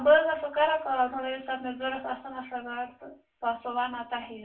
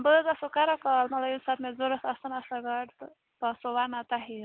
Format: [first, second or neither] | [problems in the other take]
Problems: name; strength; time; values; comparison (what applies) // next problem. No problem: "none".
second | room echo; dies away in 0.3 s